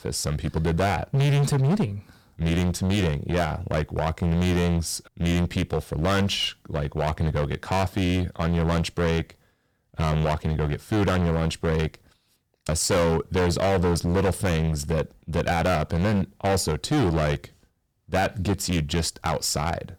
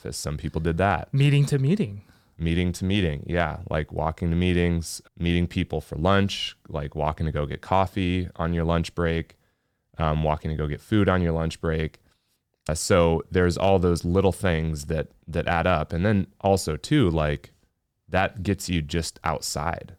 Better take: second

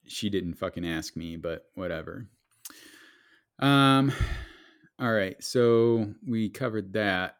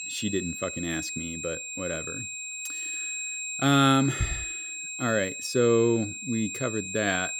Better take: first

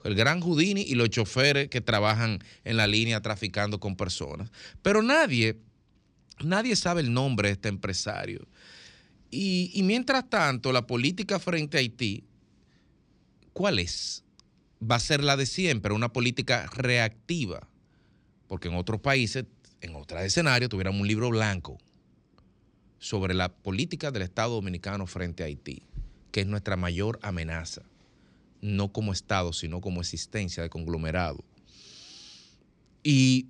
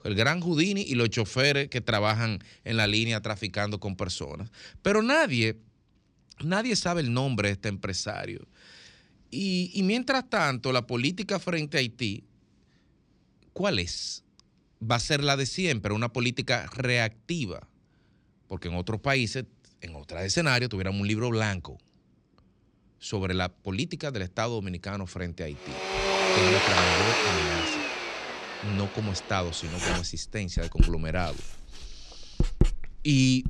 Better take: first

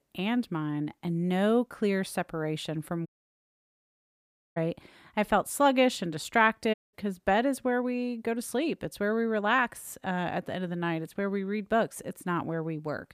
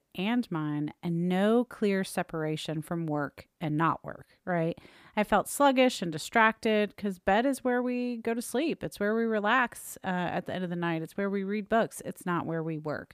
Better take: second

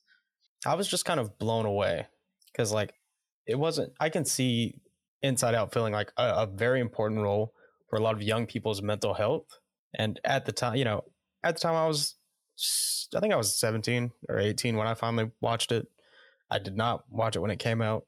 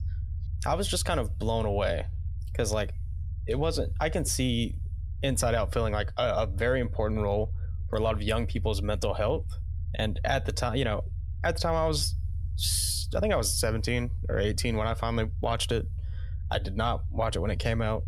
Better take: first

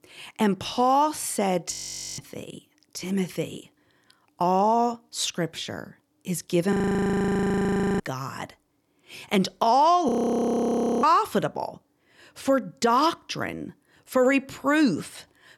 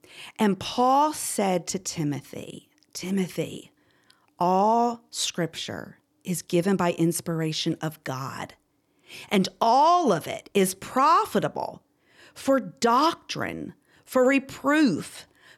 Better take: second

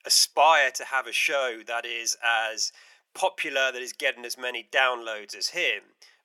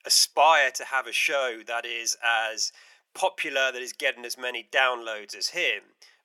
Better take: neither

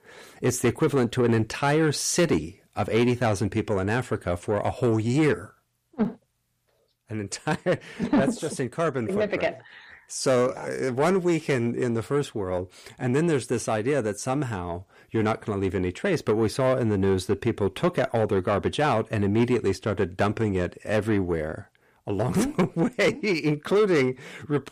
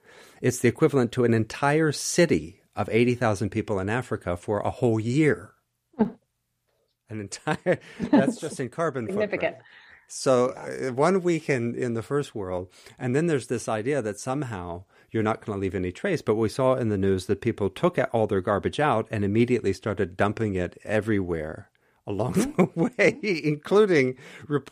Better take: second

